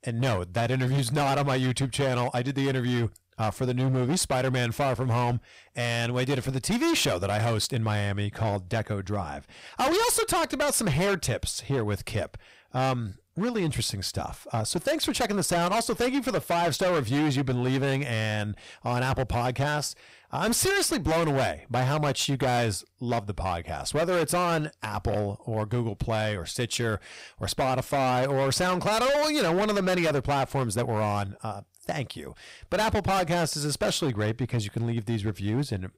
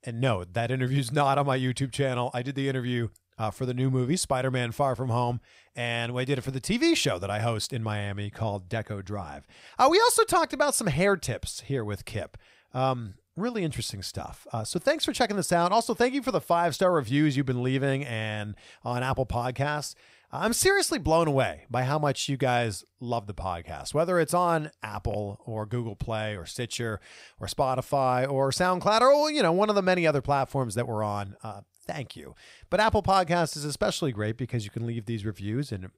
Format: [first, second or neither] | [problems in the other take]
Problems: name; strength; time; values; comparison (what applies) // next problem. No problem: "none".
second | distortion; heavy; 18% of the sound clipped